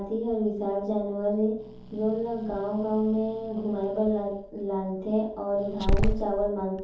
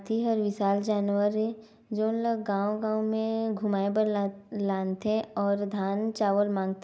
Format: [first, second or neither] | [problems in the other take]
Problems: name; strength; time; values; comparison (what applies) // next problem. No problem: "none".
second | background sound (Growling); 5 dB below the speech // room echo; dies away in 0.6 s